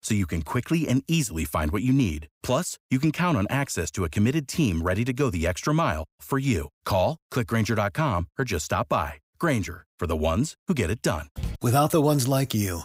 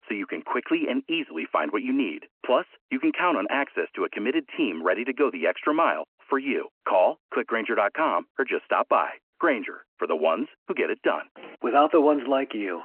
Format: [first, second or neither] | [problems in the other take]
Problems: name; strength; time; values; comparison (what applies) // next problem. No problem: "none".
first | phone-call audio; nothing above 3 kHz